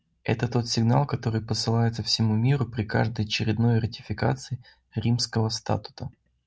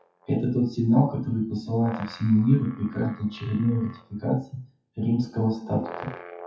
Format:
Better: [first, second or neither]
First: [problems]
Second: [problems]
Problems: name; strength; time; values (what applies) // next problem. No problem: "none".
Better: first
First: none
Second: noise reduction (classical method WPE with log-MMSE)